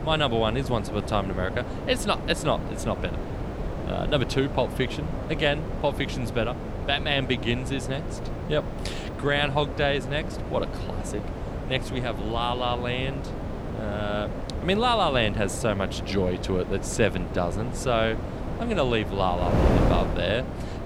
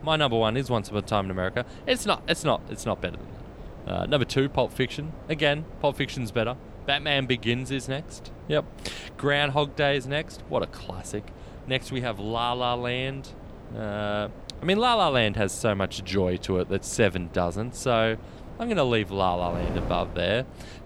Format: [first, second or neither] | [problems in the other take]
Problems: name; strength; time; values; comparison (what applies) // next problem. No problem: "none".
second | wind noise on the microphone; heavy; 8 dB below the speech; occasional gusts in the second